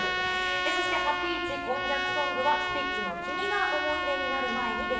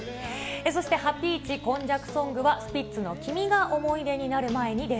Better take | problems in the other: second | background sound (Trumpet); 2 dB above the speech // room echo; dies away in 1 s

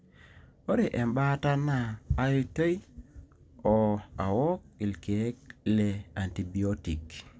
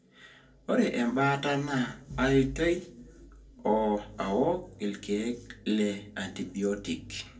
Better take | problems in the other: first | room echo; dies away in 0.2 s

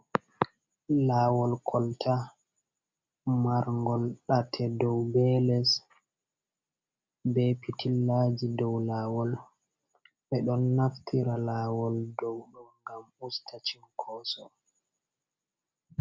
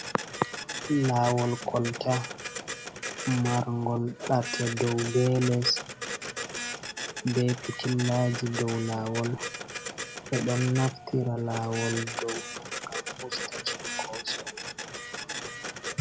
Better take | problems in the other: first | background sound (Printer); 7 dB below the speech

